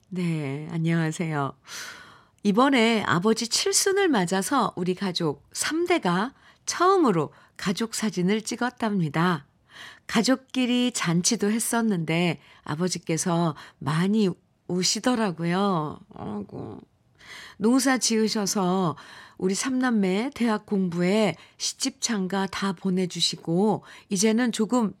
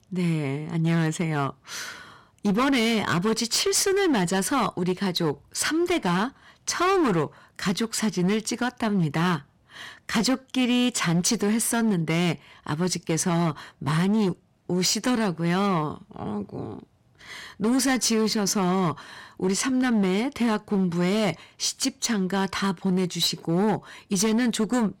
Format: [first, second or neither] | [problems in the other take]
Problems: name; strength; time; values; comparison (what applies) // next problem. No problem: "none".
first | distortion; slight; 12% of the sound clipped